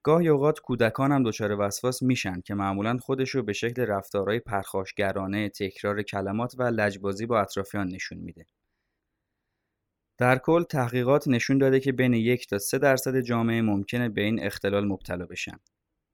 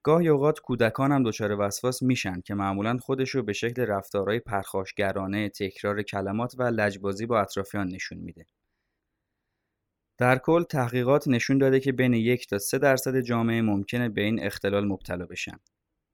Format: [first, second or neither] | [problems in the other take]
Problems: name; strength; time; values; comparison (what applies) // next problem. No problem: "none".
neither | none